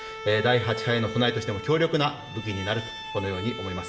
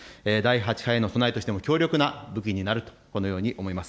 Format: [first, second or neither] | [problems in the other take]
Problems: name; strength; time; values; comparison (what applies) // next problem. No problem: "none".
second | background sound (Bowed string instrument); 10 dB below the speech // room echo; dies away in 0.6 s